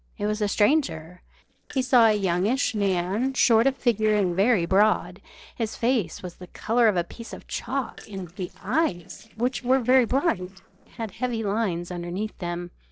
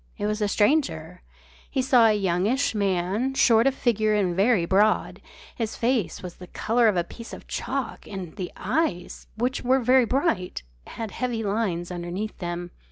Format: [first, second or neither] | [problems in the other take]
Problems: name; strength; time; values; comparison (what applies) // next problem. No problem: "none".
second | noise reduction (neural separator model SepFormer DNS4)